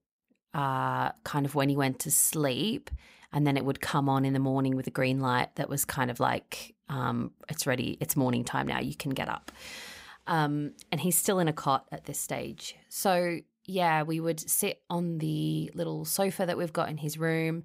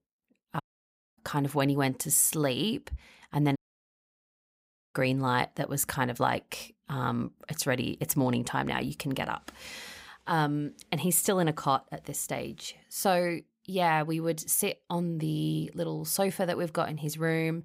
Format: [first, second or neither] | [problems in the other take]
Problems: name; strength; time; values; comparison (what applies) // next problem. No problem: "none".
first | audio cutting out; at 0.5 s for 0.5 s and at 3.5 s for 1.5 s